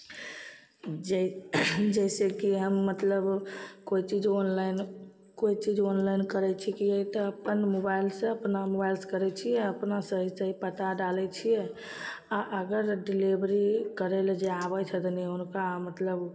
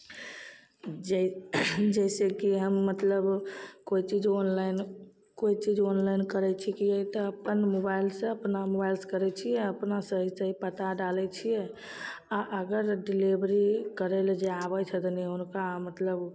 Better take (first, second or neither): second